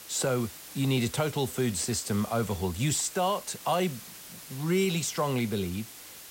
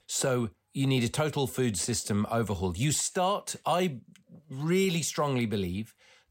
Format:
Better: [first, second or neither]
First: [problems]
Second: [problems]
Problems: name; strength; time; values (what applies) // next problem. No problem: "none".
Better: second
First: hiss; noticeable; throughout; 15 dB below the speech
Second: none